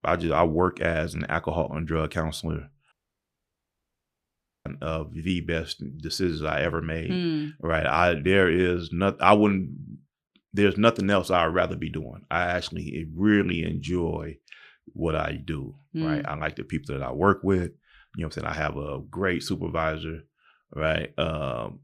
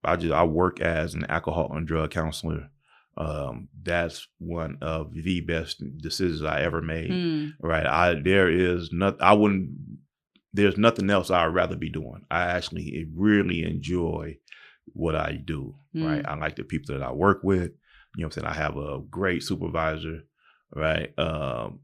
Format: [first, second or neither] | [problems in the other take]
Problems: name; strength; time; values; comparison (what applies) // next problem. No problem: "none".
second | audio cutting out; at 3 s for 1.5 s